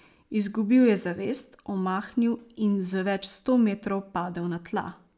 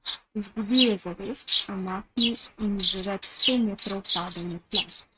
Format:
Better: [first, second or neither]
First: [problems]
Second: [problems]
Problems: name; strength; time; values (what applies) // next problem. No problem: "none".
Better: first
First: none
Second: noise reduction (neural mask model RNNoise)